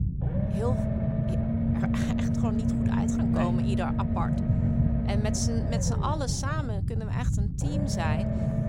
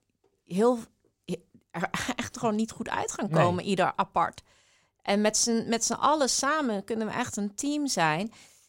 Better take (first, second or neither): second